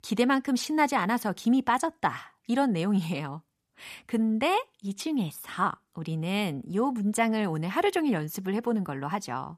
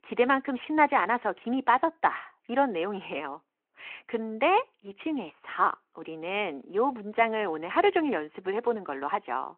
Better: first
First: none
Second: phone-call audio

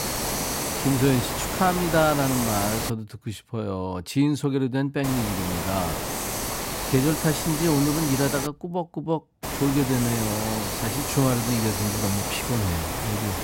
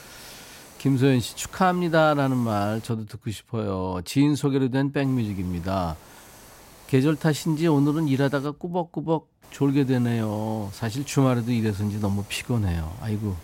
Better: second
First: hiss; loud; until 3 s, from 5 to 8.5 s and from 9.5 s on; 2 dB below the speech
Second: hiss; faint; until 3 s, from 5 to 8.5 s and from 9.5 s on; 25 dB below the speech

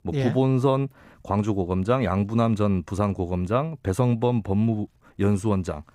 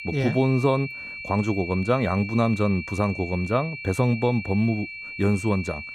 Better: first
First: none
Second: high-pitched whine; loud; throughout; 2.5 kHz, 10 dB below the speech

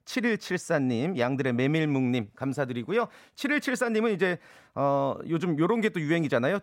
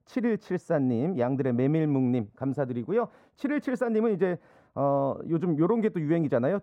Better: first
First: none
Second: muffled; slightly; fading above 1.5 kHz

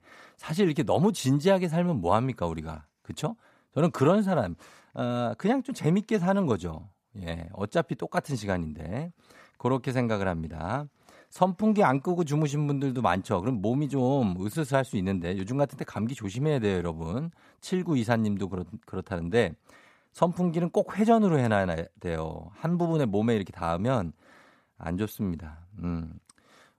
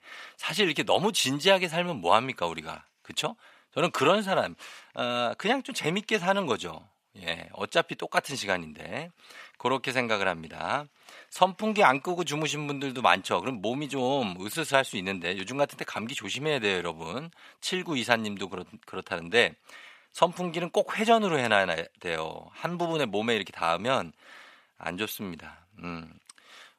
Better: first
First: none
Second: thin; somewhat; fading below 850 Hz

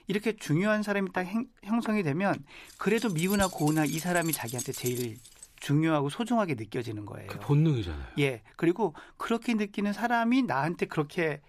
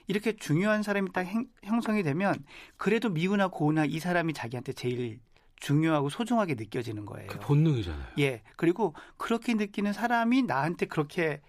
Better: second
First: jangling keys; noticeable; from 3 to 5.5 s; peak 4 dB below the speech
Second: none

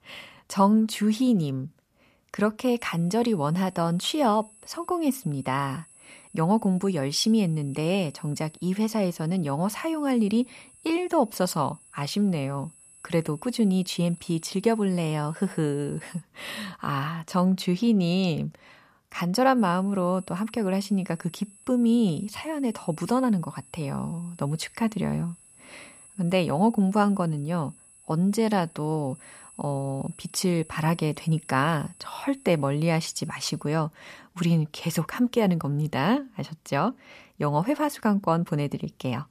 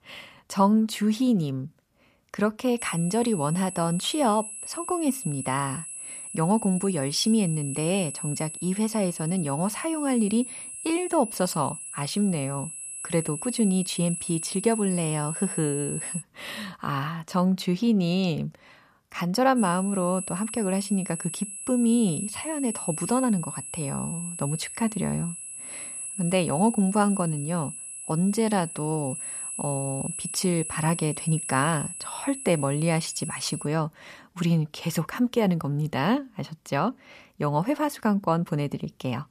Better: first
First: high-pitched whine; faint; from 3 to 16 s and from 20 to 34 s; 10.5 kHz, 25 dB below the speech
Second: high-pitched whine; loud; from 3 to 16 s and from 20 to 34 s; 10.5 kHz, 7 dB below the speech

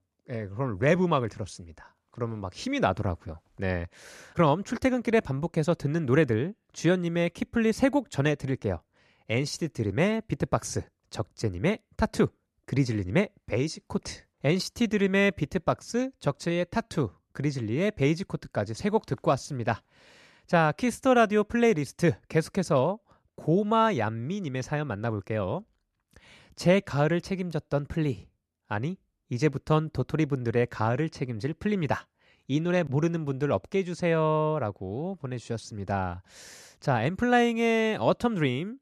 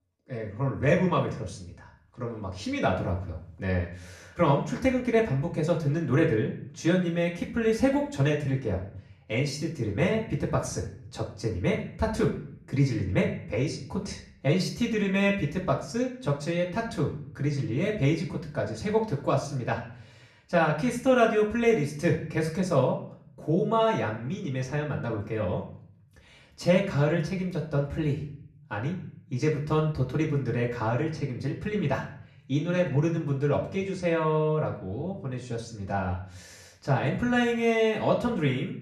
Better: first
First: none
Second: room echo; slight; dies away in 0.5 s // off-mic speech; far

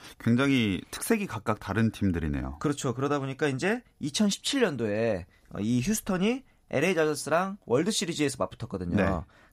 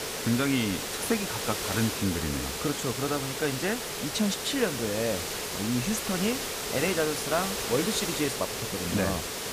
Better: first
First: none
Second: hiss; loud; throughout; 1 dB below the speech

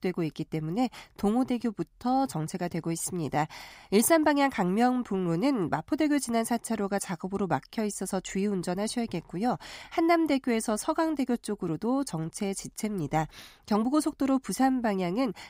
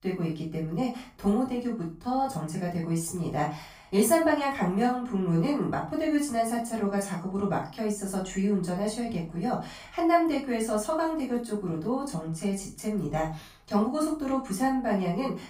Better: first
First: none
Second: off-mic speech; far // room echo; slight; dies away in 0.3 s

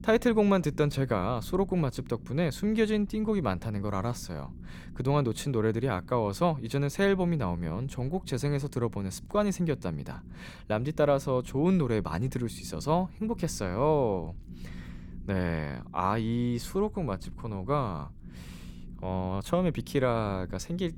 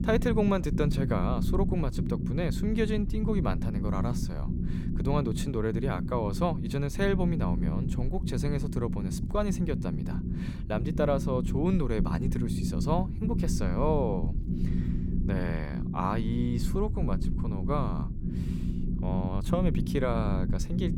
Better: first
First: low rumble; faint; throughout; 25 dB below the speech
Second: low rumble; loud; throughout; 7 dB below the speech

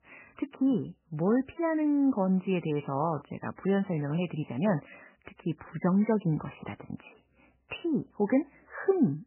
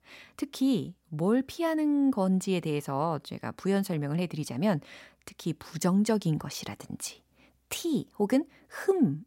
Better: second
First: garbled, watery; badly; nothing above 3 kHz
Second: none

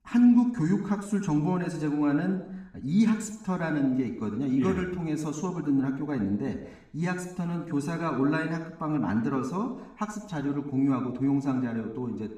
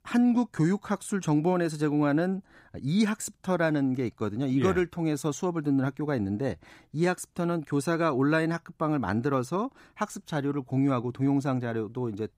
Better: second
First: room echo; slight; dies away in 0.8 s // off-mic speech; far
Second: none

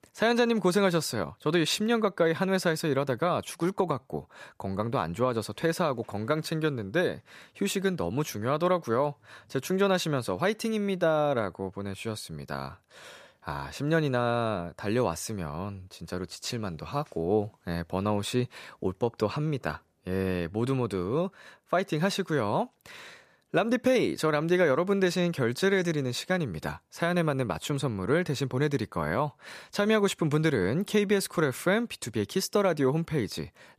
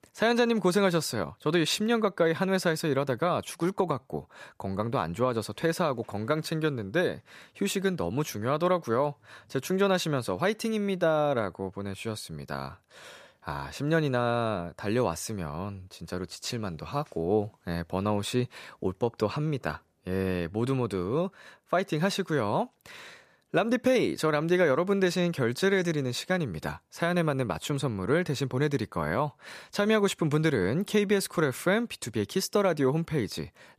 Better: neither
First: none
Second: none

